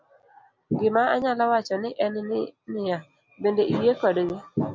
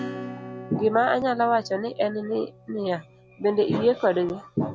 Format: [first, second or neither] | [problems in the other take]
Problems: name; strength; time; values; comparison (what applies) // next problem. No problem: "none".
first | background sound (Acoustic guitar / Strum); 16 dB below the speech